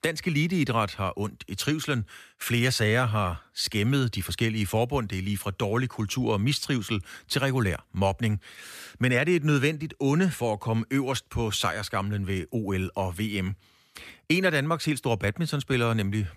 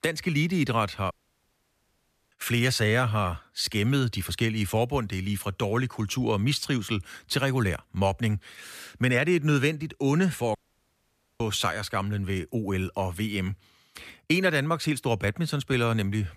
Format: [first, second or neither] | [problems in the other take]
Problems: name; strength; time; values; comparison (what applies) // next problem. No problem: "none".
first | audio cutting out; at 1 s for 1 s and at 11 s for 1 s